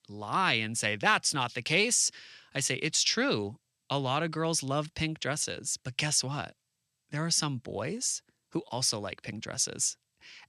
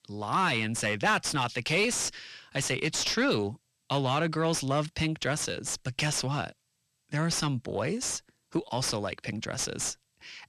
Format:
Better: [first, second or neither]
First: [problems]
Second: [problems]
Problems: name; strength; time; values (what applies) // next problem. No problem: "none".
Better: first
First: none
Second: distortion; heavy; 6 dB below the speech